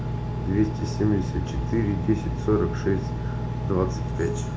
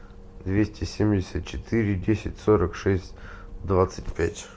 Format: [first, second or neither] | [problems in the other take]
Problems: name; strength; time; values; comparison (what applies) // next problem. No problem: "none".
second | background sound (Engine); 1 dB below the speech // room echo; dies away in 0.3 s